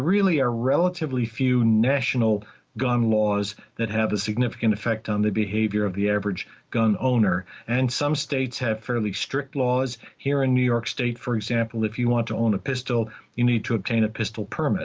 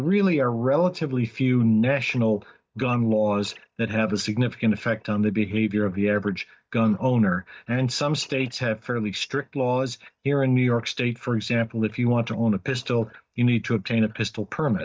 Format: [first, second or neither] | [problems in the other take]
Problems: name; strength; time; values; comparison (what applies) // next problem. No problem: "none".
first | noise reduction (neural mask model DeepFilterNet 3)